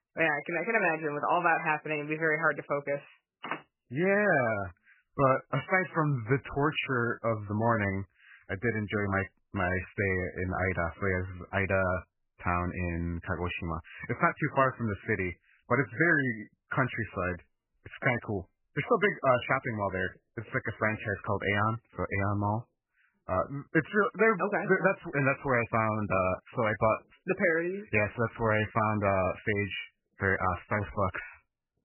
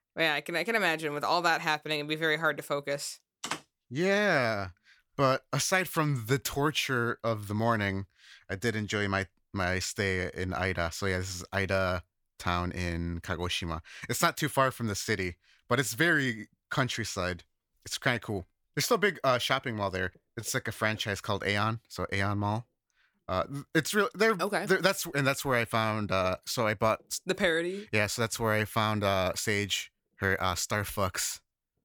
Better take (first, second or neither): second